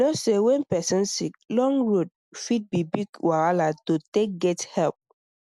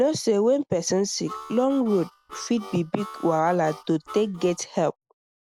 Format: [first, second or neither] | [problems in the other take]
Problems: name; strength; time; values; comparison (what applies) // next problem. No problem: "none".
first | background sound (Harmonica); 17 dB below the speech